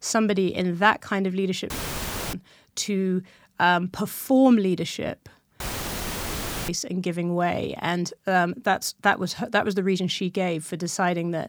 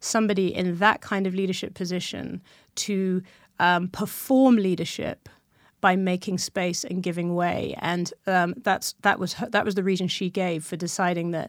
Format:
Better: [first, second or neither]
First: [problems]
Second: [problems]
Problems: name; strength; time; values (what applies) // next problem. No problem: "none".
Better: second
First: audio cutting out; filled with static; at 1.5 s for 0.5 s and at 5.5 s for 1 s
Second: none